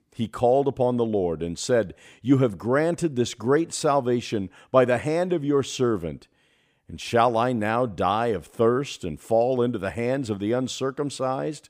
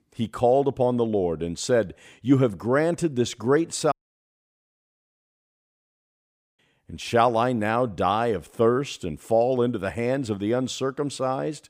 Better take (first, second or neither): first